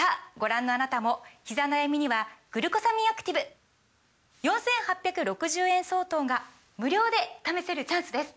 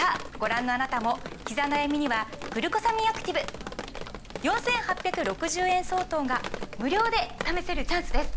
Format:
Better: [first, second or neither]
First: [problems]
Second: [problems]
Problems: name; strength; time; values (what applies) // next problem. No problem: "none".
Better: first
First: none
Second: background sound (Drip); 5 dB below the speech